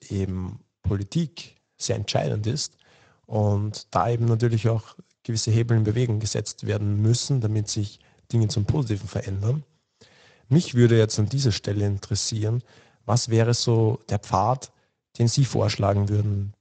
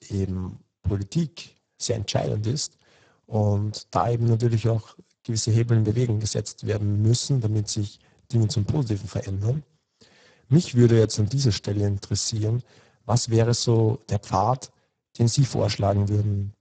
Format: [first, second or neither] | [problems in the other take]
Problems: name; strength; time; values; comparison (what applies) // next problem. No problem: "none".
first | garbled, watery; badly; nothing above 8 kHz; slightly in the first